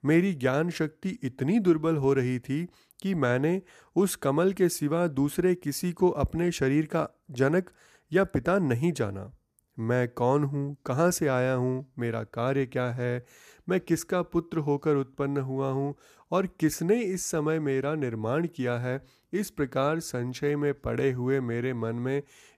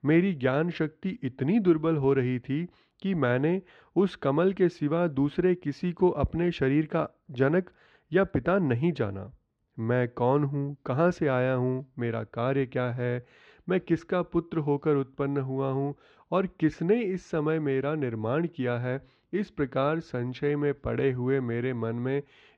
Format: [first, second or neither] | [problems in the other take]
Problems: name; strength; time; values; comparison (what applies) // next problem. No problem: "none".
first | muffled; very; fading above 3.5 kHz